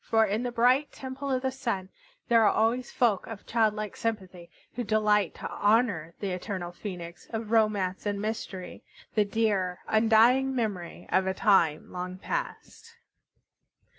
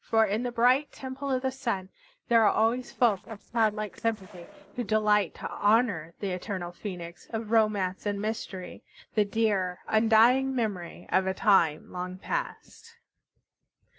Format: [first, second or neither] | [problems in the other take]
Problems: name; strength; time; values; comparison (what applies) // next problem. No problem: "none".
first | noise reduction (neural separator model SepFormer DNS4)